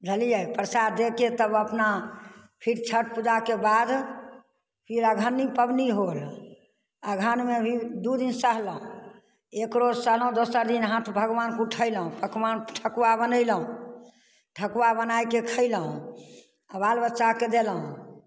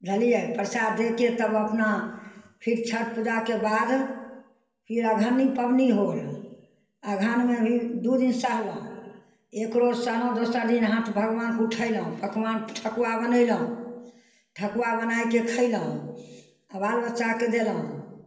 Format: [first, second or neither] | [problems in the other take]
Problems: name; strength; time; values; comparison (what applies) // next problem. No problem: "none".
first | room echo; dies away in 0.7 s